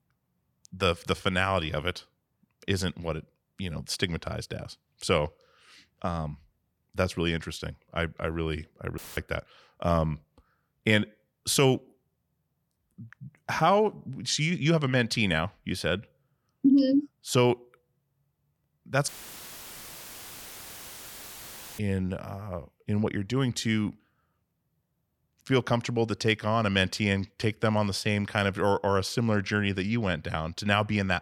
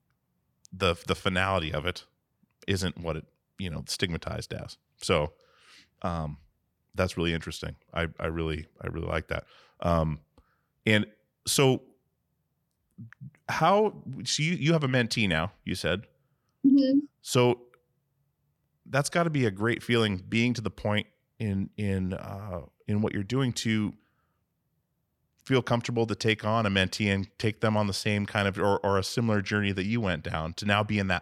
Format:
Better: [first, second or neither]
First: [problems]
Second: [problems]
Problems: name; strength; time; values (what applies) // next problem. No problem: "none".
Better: second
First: audio cutting out; filled with static; at 9 s and at 19 s for 2.5 s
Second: none